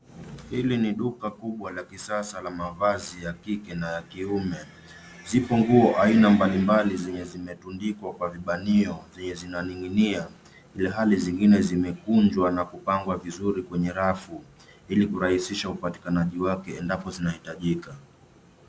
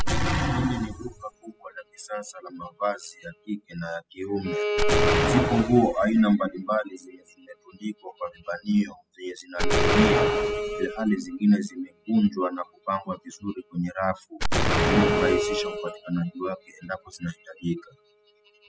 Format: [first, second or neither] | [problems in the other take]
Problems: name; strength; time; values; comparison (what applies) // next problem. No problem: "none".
first | noise reduction (classical method spectral subtraction)